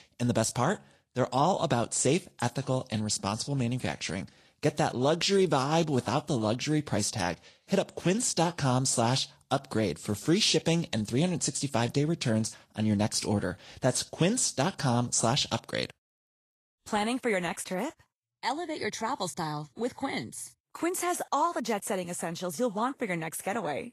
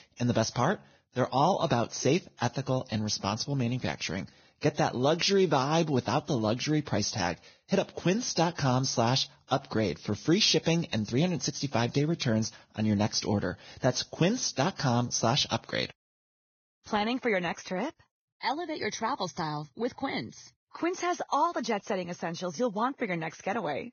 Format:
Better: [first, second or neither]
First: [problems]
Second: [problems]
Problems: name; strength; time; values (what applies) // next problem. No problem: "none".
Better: first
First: garbled, watery; slightly; nothing above 12.5 kHz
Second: garbled, watery; badly; nothing above 6.5 kHz